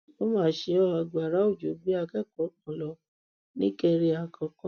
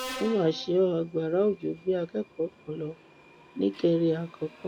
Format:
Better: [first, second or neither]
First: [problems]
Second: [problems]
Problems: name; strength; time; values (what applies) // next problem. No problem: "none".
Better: first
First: none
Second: background sound (Subway, metro, underground); 17 dB below the speech